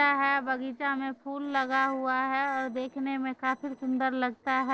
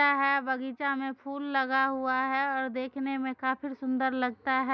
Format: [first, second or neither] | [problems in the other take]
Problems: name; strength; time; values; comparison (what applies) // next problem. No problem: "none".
second | noise reduction (neural separator model SepFormer DNS4)